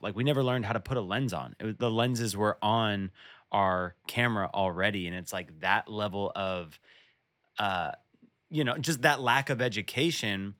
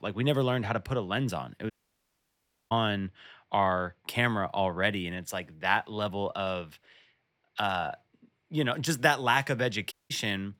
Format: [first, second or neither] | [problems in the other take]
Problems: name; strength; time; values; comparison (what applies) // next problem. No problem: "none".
first | audio cutting out; at 1.5 s for 1 s and at 10 s